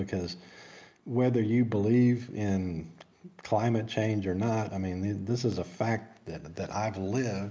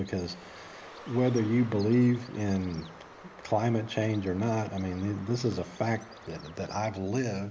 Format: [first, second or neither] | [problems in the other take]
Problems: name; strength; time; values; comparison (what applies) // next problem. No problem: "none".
first | background sound (Bird); 19 dB below the speech